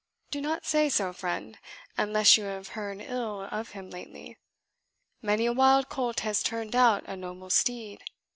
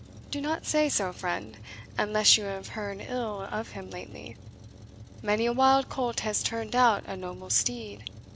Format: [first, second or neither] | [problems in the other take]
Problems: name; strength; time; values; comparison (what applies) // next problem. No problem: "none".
first | background sound (Truck); 16 dB below the speech